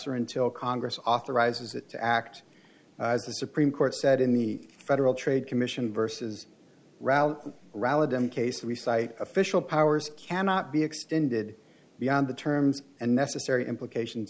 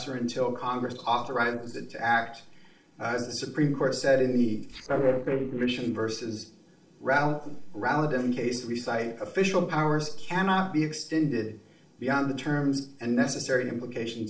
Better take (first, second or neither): first